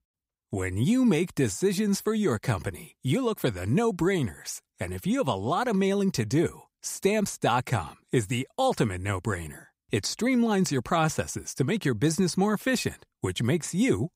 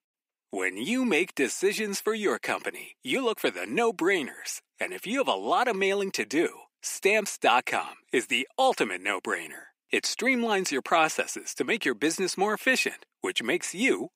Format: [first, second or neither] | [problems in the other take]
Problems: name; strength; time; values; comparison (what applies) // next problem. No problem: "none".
first | thin; somewhat; fading below 250 Hz